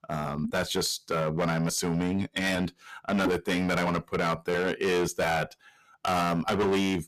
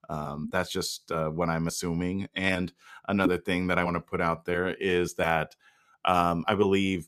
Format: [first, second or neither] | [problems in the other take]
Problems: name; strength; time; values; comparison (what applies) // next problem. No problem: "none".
second | distortion; heavy; 15% of the sound clipped